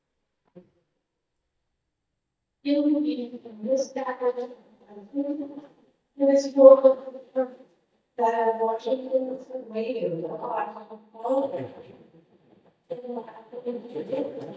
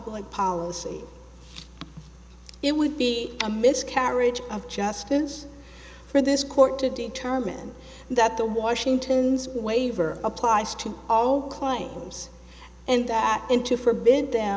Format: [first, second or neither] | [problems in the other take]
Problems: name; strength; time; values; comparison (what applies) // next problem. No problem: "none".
second | noise reduction (neural mask model DeepFilterNet 3)